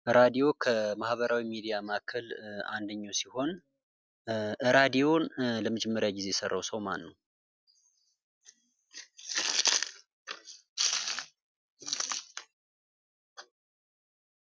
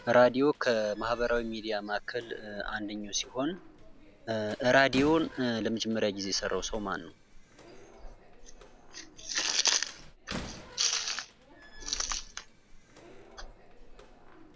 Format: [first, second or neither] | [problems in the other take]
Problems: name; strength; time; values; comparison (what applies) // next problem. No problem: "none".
first | background sound (Slam); 15 dB below the speech